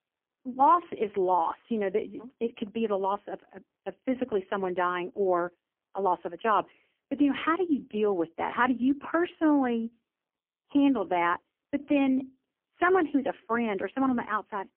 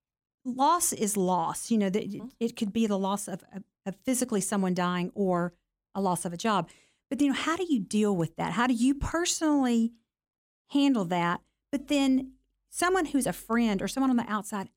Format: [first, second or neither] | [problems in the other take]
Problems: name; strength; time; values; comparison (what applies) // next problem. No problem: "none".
second | phone-call audio; poor line; nothing above 3 kHz